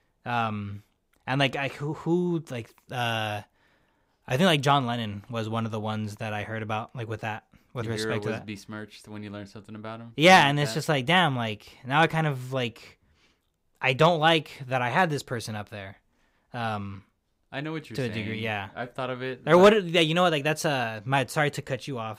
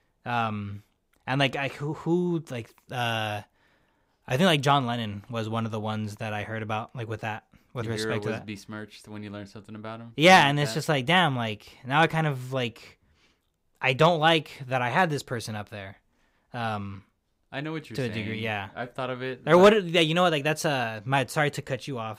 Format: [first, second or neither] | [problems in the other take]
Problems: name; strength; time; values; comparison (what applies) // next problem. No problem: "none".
neither | none